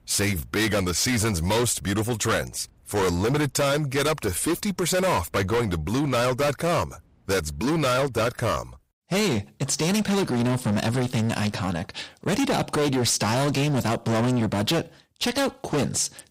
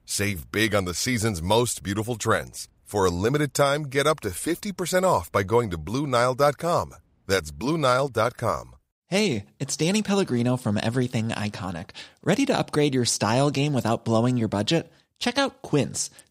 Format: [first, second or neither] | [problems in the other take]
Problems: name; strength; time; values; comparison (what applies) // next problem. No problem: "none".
second | distortion; heavy; 23% of the sound clipped